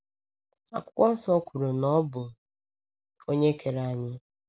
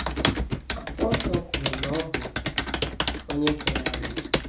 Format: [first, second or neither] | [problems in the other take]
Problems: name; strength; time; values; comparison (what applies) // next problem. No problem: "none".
first | background sound (Computer keyboard); 5 dB above the speech // room echo; dies away in 0.3 s